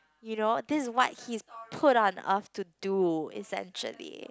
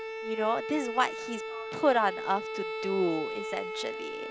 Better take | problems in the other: first | background sound (Bowed string instrument); 5 dB below the speech

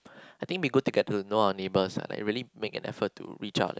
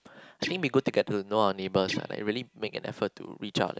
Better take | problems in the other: first | background sound (Guitar); 13 dB below the speech

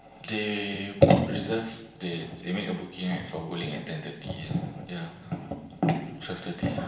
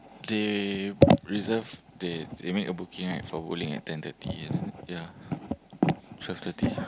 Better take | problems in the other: second | room echo; dies away in 0.8 s

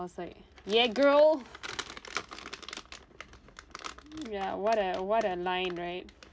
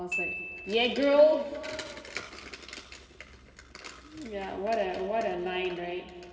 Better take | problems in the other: first | background sound (Glockenspiel); 12 dB below the speech // room echo; dies away in 2.1 s

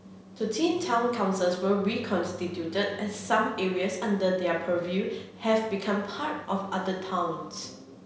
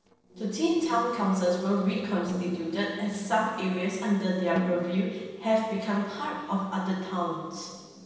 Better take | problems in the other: first | noise reduction (neural separator model SepFormer DNS4)

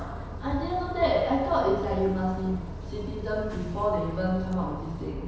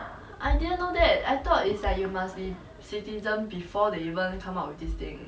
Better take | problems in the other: second | background sound (Bus); 8 dB below the speech // room echo; dies away in 1 s

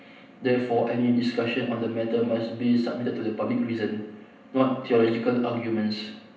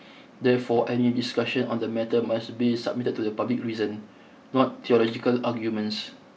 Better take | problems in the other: second | room echo; dies away in 0.8 s

